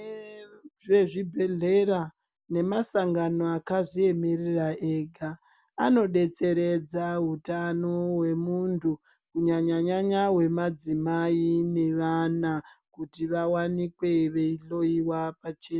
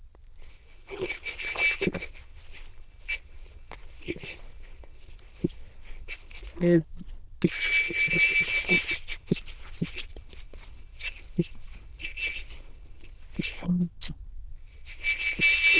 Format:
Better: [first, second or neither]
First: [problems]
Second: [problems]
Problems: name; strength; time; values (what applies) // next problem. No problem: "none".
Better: first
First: none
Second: noise reduction (neural diffusion model UNIVERSE++)